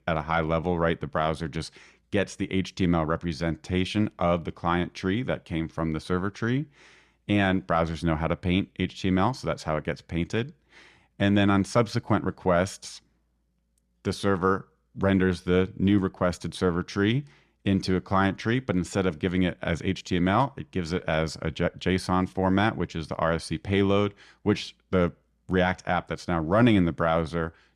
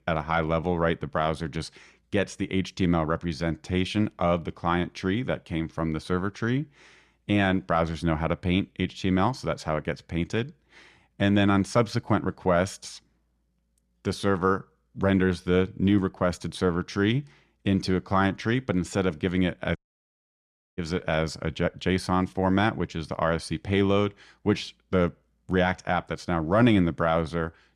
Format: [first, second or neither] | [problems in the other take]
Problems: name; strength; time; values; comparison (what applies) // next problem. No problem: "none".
first | audio cutting out; at 20 s for 1 s